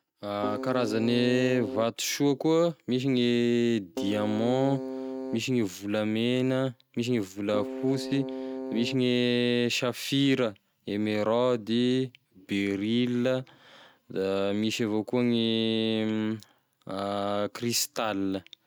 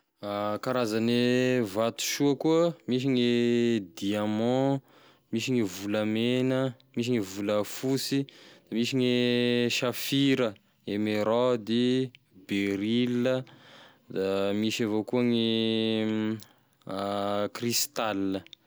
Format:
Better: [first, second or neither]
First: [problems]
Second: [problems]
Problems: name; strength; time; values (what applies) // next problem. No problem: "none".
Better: second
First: noise reduction (neural mask model RNNoise)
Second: none